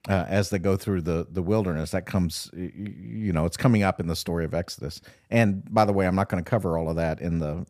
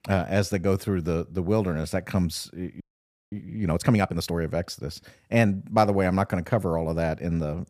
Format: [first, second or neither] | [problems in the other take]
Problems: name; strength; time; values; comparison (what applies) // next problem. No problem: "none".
first | audio freezing; at 3 s for 0.5 s